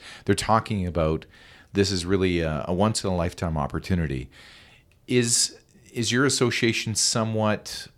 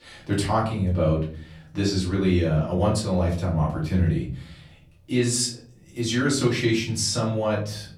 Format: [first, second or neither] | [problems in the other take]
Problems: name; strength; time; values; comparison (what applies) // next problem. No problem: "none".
first | room echo; slight; dies away in 0.6 s // off-mic speech; far